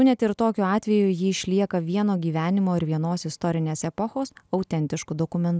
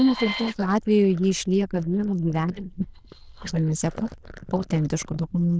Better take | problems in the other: first | noise reduction (neural diffusion model UNIVERSE++)

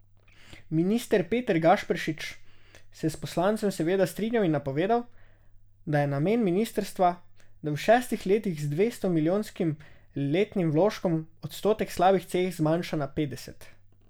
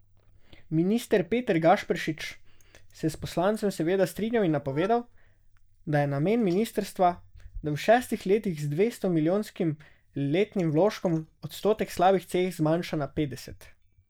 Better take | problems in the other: first | noise reduction (neural mask model DeepFilterNet 3)

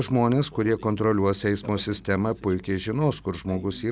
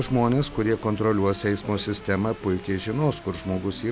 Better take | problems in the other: first | background sound (Wind instrument, woodwind instrument + Rain); 17 dB below the speech

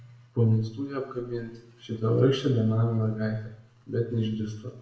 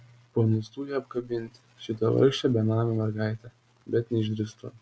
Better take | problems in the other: second | room echo; dies away in 0.7 s

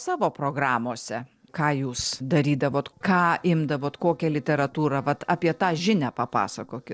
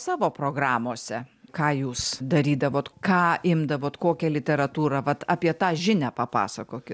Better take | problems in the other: second | noise reduction (neural separator model SepFormer DNS4)

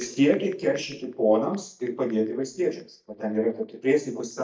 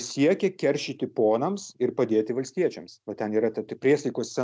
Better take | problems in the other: second | noise reduction (neural mask model DeepFilterNet 3)

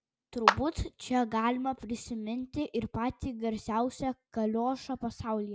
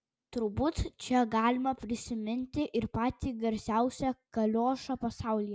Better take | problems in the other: second | background sound (Clapping); as loud as the speech

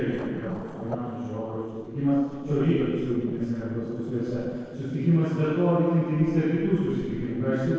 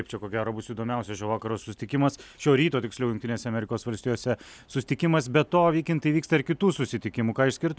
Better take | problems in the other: second | noise reduction (neural separator model SepFormer DNS4)

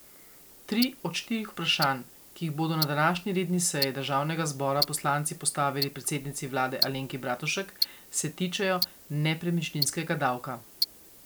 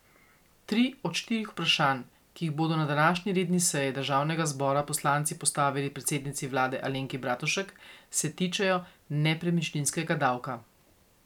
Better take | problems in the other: second | background sound (Tick-tock); 8 dB below the speech

